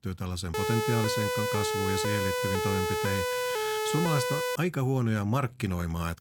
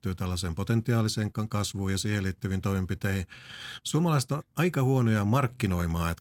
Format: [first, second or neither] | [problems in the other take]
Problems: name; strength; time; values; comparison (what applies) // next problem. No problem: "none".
second | siren; loud; from 0.5 to 4.5 s; peak 2 dB above the speech